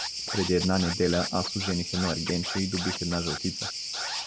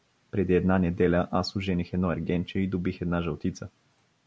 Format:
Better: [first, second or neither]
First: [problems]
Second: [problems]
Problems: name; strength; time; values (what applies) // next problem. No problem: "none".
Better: second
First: background sound (Cricket + Scratching (performance technique)); 4 dB below the speech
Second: none